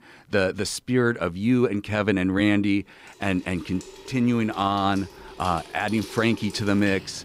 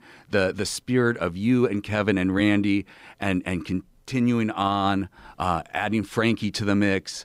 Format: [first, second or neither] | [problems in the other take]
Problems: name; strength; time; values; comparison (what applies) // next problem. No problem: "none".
second | household noises; noticeable; from 3 s on; 20 dB below the speech